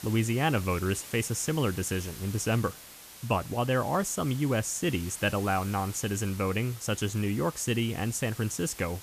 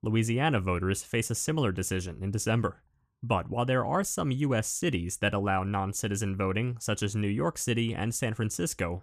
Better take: second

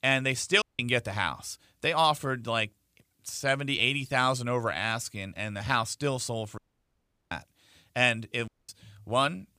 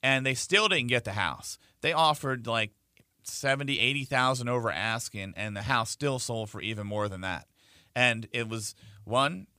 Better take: second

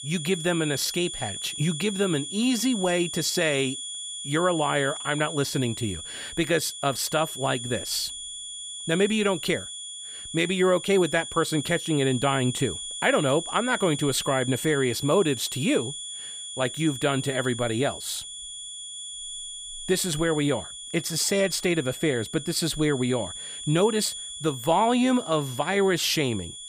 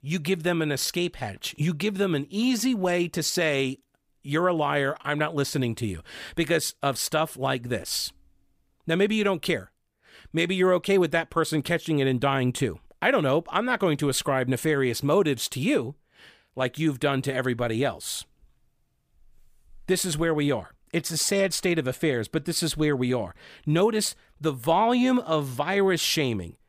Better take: second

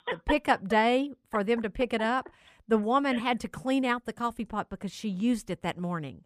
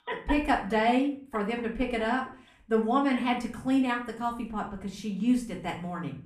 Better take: first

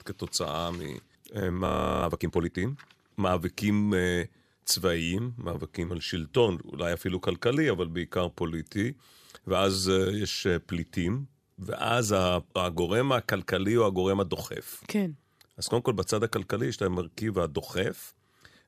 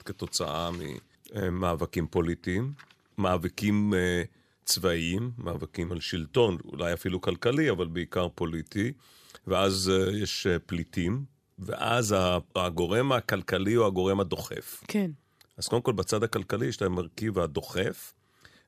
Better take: second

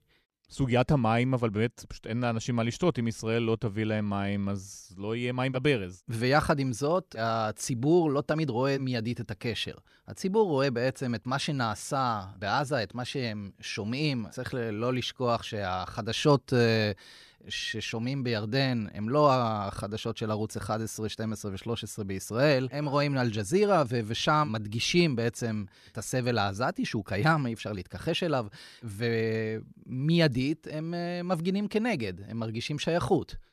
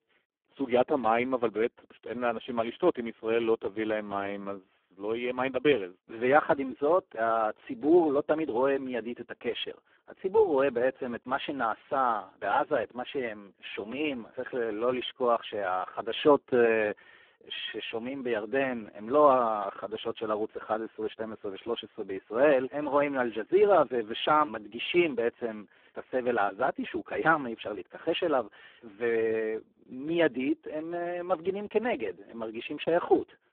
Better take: first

